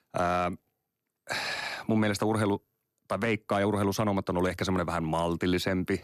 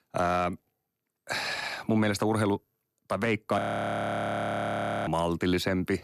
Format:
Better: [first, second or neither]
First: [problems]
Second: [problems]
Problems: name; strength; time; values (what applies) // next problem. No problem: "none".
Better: first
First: none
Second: audio freezing; at 3.5 s for 1.5 s